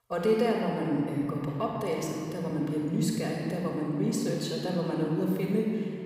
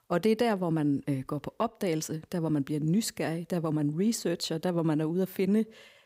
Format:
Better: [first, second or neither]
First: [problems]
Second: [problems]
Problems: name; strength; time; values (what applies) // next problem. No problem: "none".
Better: second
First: off-mic speech; somewhat distant // room echo; noticeable; dies away in 2.5 s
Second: none